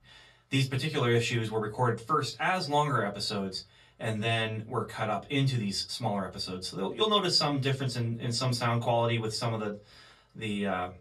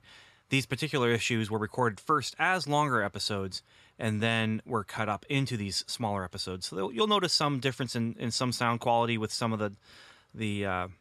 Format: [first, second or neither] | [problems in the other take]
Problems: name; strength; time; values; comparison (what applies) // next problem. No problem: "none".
second | off-mic speech; far // room echo; very slight; dies away in 0.2 s